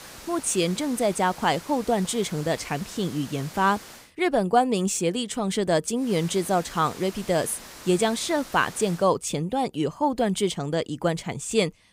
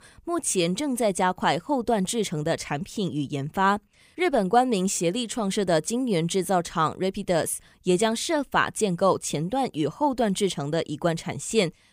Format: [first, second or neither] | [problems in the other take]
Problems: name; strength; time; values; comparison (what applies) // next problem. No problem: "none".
second | hiss; noticeable; until 4 s and from 6 to 9 s; 15 dB below the speech